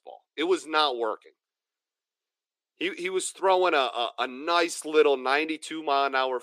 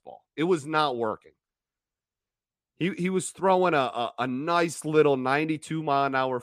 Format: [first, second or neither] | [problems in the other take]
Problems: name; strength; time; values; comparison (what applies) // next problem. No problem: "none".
second | thin; somewhat; fading below 350 Hz